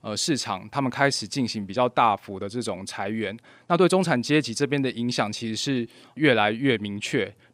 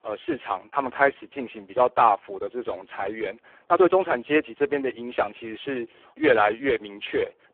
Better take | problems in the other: first | phone-call audio; poor line

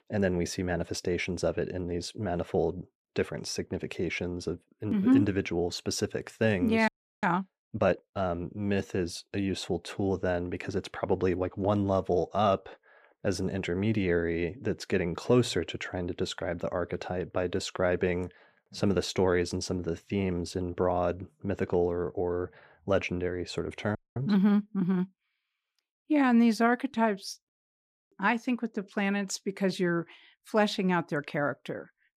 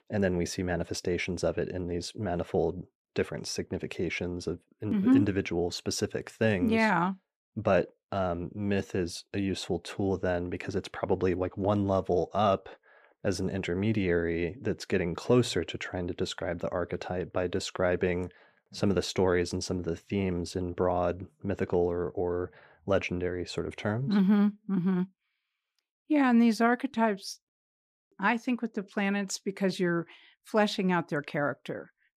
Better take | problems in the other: second | audio freezing; at 7 s and at 24 s

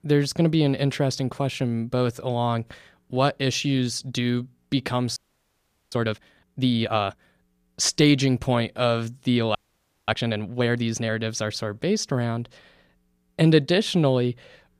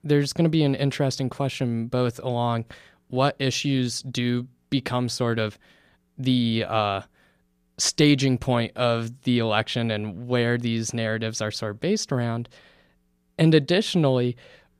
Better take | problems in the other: second | audio freezing; at 5 s for 1 s and at 9.5 s for 0.5 s

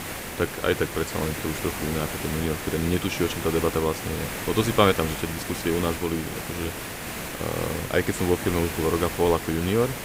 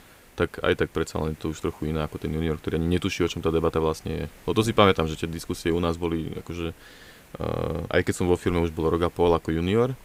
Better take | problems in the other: second | hiss; loud; throughout; 5 dB below the speech; faint in the second

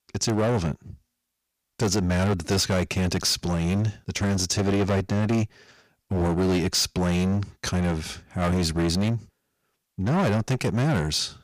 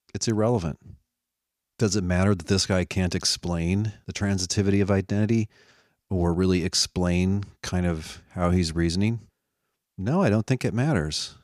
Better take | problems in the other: second | distortion; heavy; 17% of the sound clipped

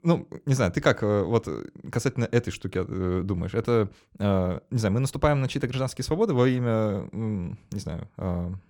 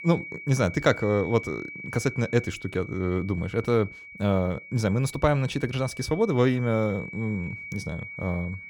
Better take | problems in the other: first | high-pitched whine; noticeable; throughout; 2.5 kHz, 10 dB below the speech

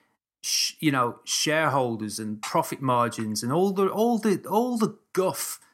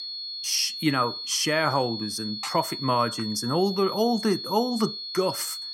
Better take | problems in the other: first | high-pitched whine; loud; throughout; 4.5 kHz, 6 dB below the speech

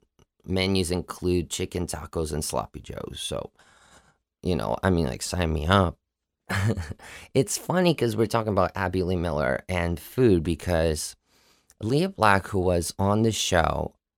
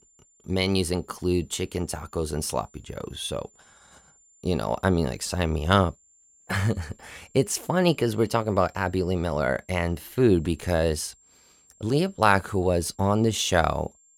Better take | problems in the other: first | high-pitched whine; faint; throughout; 7 kHz, 30 dB below the speech

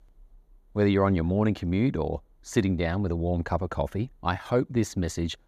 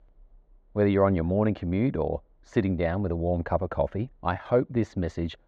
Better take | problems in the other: first | muffled; very; fading above 2.5 kHz

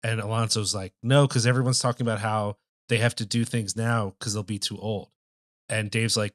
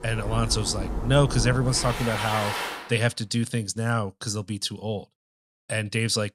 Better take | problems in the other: first | rain or running water; loud; until 2.5 s; 5 dB below the speech

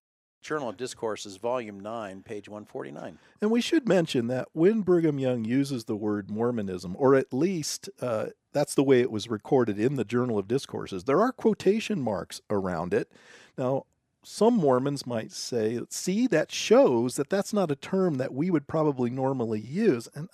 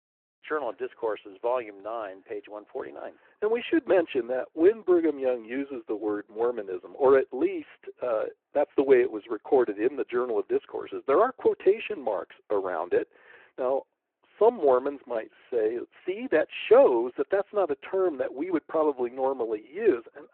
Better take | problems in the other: first | phone-call audio

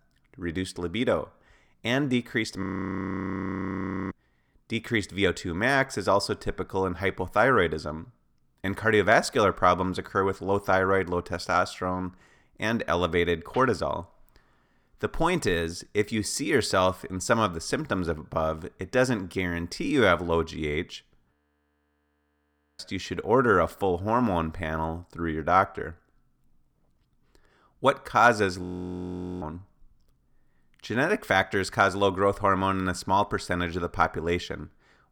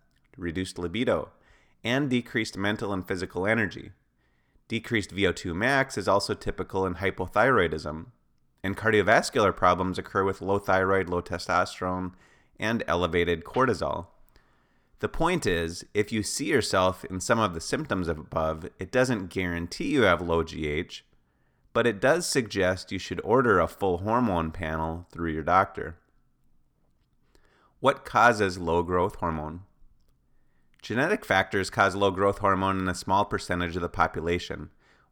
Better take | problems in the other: second | audio freezing; at 2.5 s for 1.5 s, at 21 s for 1.5 s and at 29 s for 1 s

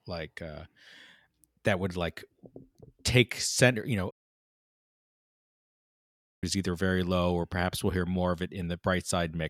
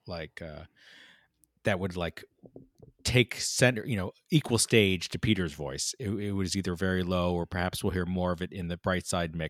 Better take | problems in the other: second | audio cutting out; at 4 s for 2.5 s

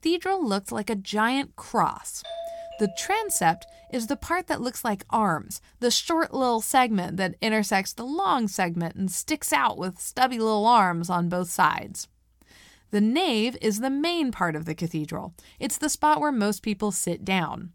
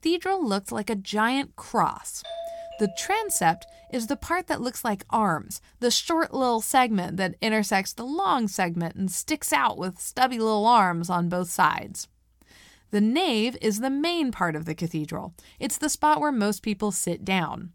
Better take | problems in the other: neither | doorbell; faint; from 2 to 4 s; peak 10 dB below the speech; the same in both

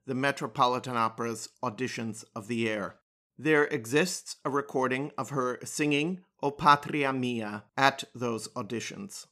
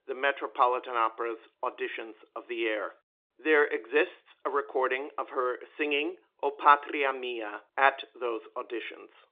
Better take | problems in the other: first | phone-call audio

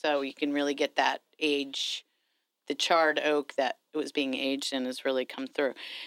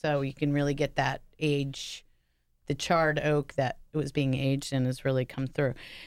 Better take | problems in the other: second | thin; very slightly; fading below 250 Hz

